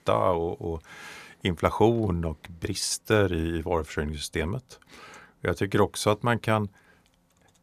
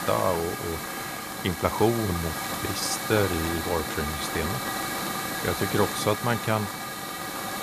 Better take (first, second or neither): first